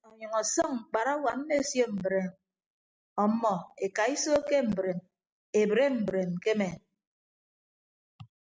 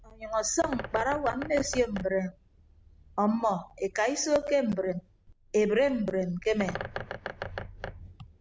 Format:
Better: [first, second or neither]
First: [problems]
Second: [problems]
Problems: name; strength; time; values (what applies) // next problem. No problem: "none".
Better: first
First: none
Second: background sound (Bird); 13 dB below the speech